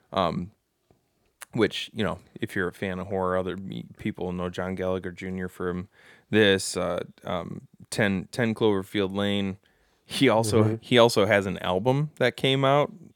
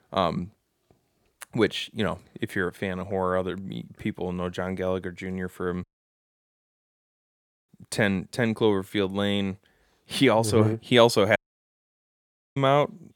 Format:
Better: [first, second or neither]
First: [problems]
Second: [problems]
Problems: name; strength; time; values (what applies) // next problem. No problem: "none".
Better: first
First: none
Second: audio cutting out; at 6 s for 2 s and at 11 s for 1 s